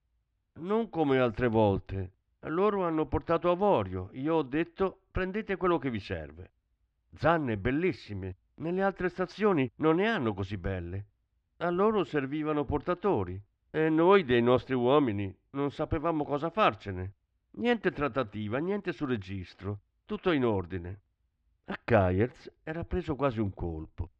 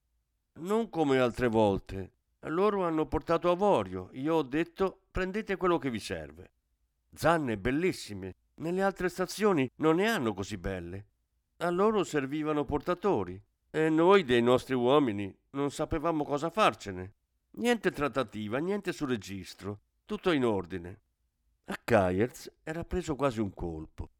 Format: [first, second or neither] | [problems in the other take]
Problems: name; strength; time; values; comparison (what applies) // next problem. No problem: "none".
second | muffled; slightly; fading above 3.5 kHz